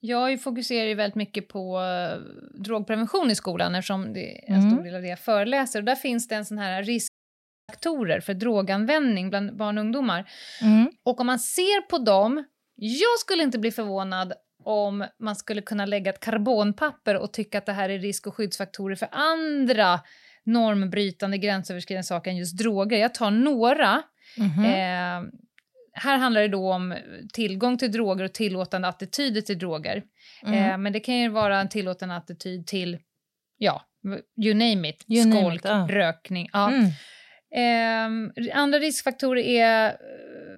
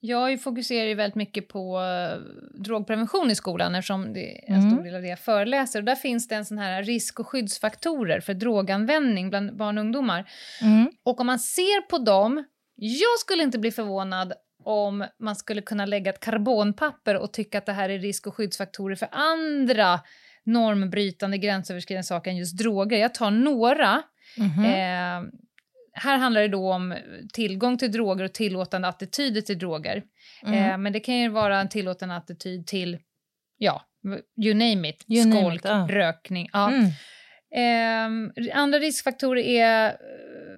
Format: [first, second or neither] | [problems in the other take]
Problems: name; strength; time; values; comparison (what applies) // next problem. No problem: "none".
second | audio cutting out; at 7 s for 0.5 s